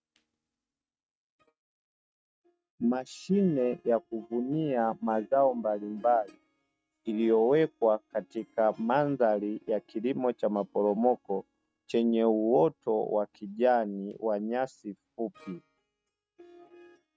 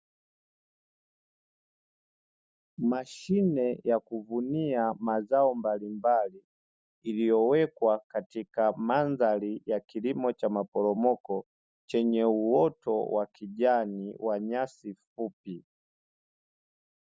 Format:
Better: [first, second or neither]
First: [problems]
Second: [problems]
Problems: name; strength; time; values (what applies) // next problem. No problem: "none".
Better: second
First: noise reduction (neural mask model RNNoise)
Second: none